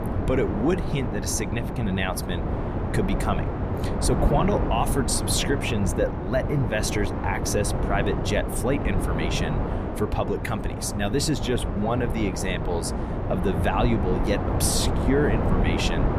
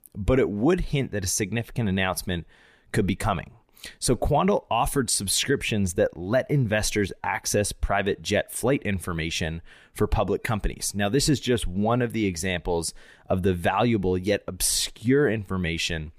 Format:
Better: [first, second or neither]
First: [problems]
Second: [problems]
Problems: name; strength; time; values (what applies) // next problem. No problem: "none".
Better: second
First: wind noise on the microphone; heavy; 4 dB below the speech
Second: none